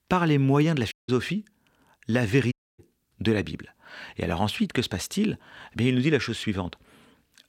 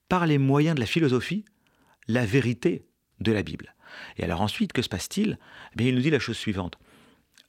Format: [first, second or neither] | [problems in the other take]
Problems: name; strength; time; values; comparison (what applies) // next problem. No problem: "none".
second | audio cutting out; at 1 s and at 2.5 s